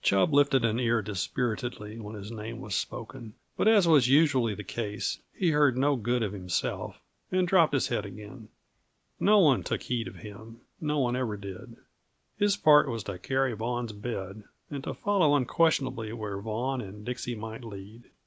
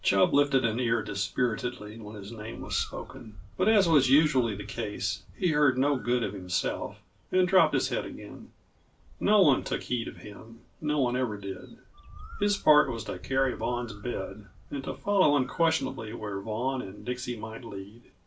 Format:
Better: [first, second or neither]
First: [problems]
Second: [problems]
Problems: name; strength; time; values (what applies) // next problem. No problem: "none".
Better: first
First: none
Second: background sound (Bird); 19 dB below the speech // room echo; dies away in 0.2 s